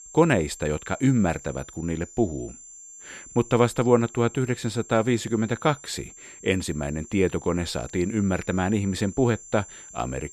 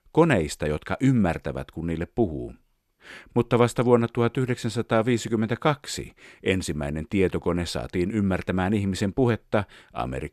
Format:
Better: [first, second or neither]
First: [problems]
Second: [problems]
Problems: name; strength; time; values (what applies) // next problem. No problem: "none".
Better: second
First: high-pitched whine; noticeable; throughout; 7.5 kHz, 15 dB below the speech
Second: none